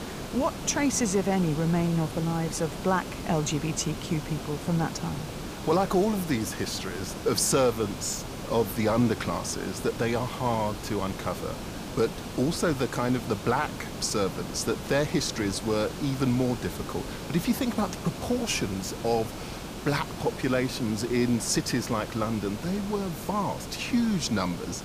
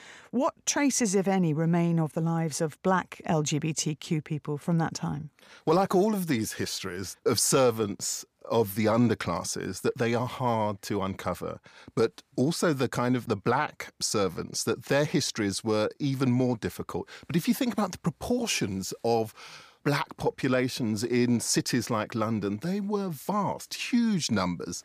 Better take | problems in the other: second | hiss; loud; throughout; 9 dB below the speech

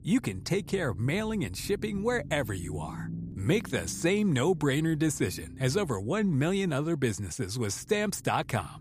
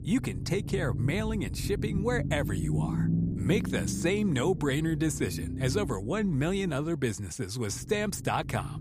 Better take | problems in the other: first | low rumble; loud; throughout; 10 dB below the speech; faint in the first

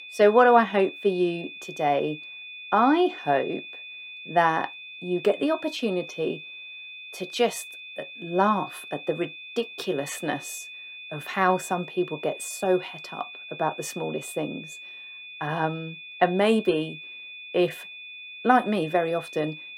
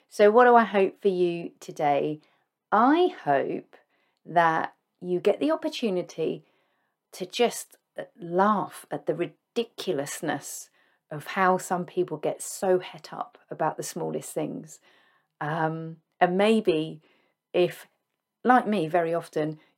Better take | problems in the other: second | high-pitched whine; noticeable; throughout; 2.5 kHz, 15 dB below the speech

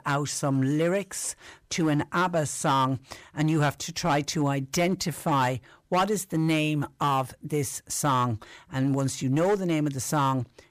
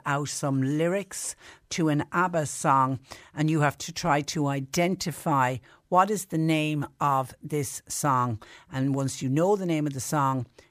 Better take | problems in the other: second | distortion; slight; 6% of the sound clipped

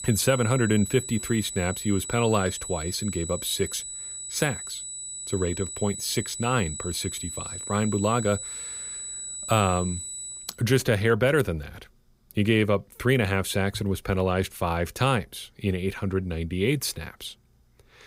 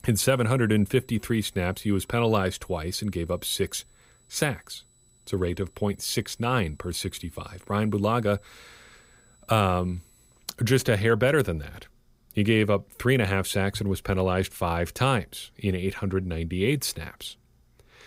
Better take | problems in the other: second | high-pitched whine; loud; until 10 s; 8 kHz, 7 dB below the speech; faint in the second

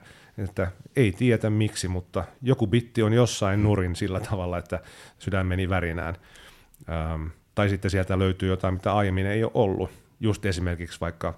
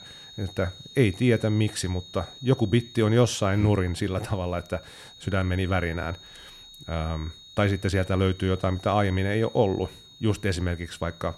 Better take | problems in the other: first | high-pitched whine; noticeable; throughout; 4 kHz, 20 dB below the speech

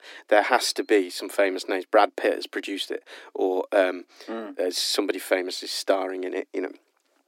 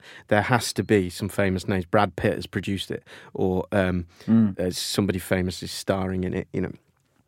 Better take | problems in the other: second | thin; somewhat; fading below 300 Hz

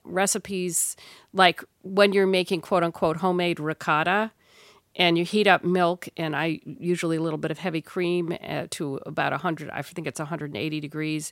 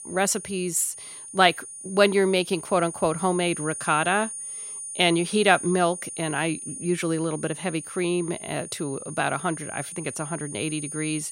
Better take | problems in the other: first | high-pitched whine; loud; throughout; 9.5 kHz, 10 dB below the speech

